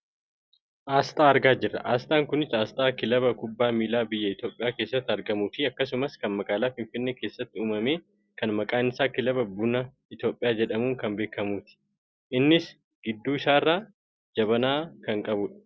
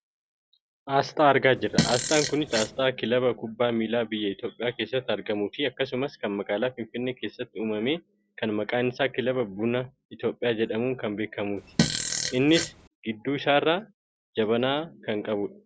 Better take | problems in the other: first | background sound (Fart); 2 dB below the speech

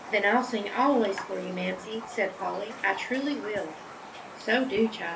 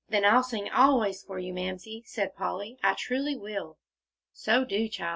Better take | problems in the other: second | background sound (Raindrop); 13 dB below the speech // room echo; dies away in 0.3 s

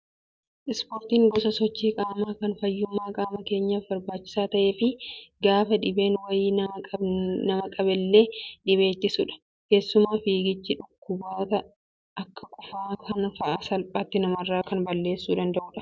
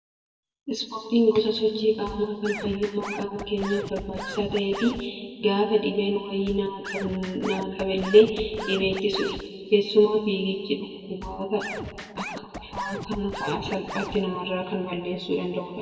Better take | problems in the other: first | background sound (Scratching (performance technique)); 10 dB below the speech // room echo; dies away in 2.1 s

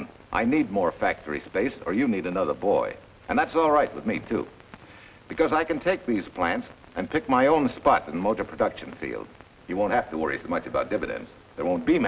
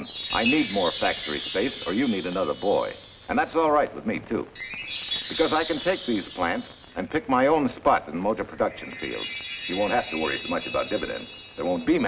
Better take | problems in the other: first | background sound (Chime); 10 dB below the speech

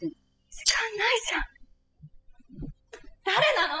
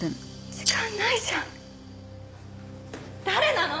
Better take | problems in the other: second | noise reduction (classical method spectral subtraction)

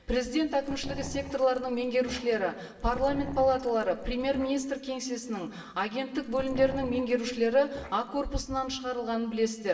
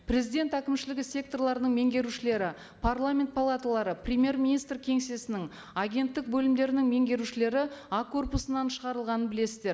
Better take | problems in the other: second | background sound (Growling); 13 dB below the speech // room echo; dies away in 1.3 s

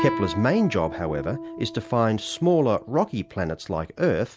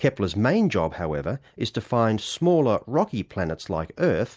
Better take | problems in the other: second | background sound (Guitar); 11 dB below the speech

